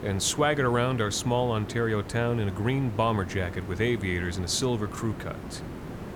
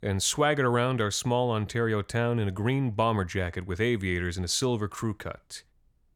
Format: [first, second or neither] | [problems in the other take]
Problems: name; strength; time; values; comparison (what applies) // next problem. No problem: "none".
second | hiss; noticeable; throughout; 10 dB below the speech